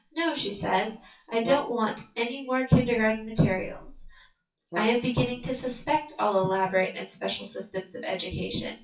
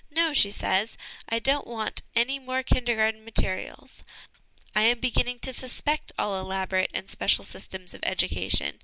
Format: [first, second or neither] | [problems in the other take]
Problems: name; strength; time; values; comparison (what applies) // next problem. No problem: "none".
second | noise reduction (classical method WPE with log-MMSE)